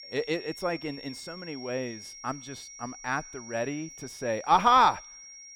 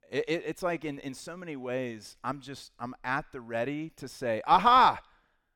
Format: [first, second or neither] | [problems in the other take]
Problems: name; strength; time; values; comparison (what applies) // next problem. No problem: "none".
second | high-pitched whine; noticeable; throughout; 5.5 kHz, 15 dB below the speech